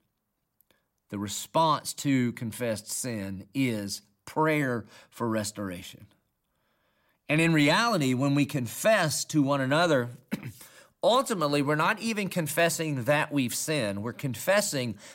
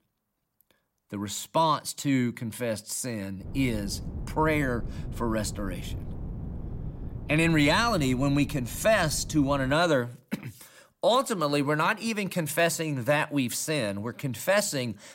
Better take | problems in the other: first | wind noise on the microphone; occasional gusts; from 3.5 to 9.5 s; 20 dB below the speech

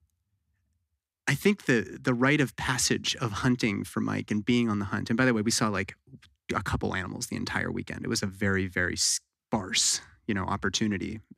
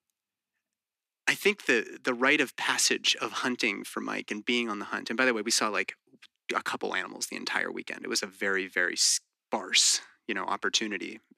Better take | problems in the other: first | thin; somewhat; fading below 300 Hz

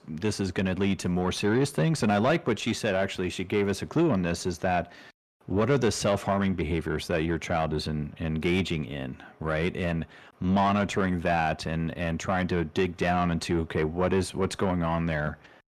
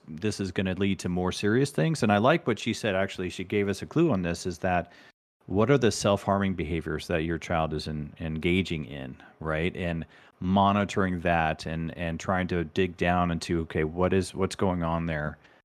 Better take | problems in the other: second | distortion; slight; 10 dB below the speech

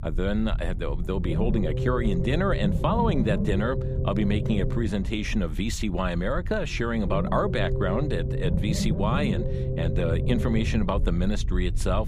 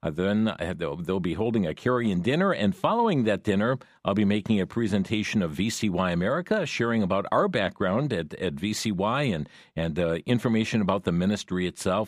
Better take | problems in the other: second | low rumble; loud; throughout; 7 dB below the speech

